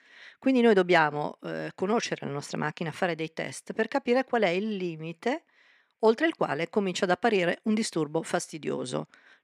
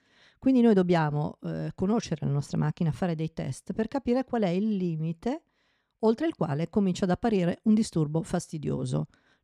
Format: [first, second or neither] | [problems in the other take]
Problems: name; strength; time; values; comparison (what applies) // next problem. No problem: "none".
second | thin; somewhat; fading below 350 Hz